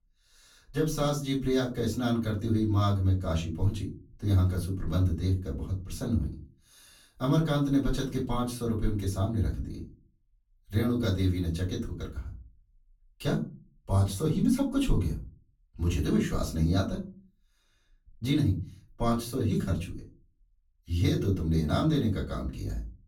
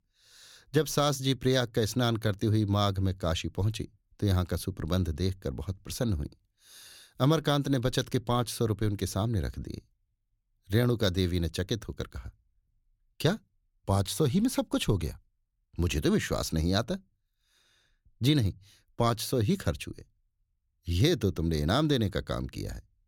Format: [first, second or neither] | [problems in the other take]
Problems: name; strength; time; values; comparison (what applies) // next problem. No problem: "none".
second | off-mic speech; far // room echo; slight; dies away in 0.3 s